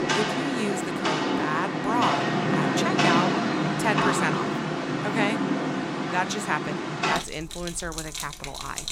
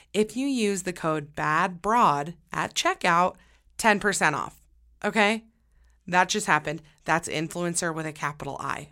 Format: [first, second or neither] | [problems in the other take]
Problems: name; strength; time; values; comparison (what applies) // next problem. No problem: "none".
second | rain or running water; very loud; throughout; 4 dB above the speech